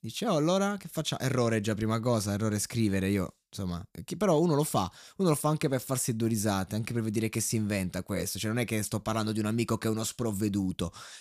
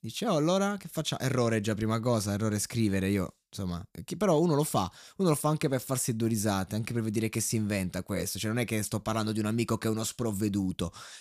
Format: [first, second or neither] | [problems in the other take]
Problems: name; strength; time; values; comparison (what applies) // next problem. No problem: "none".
neither | none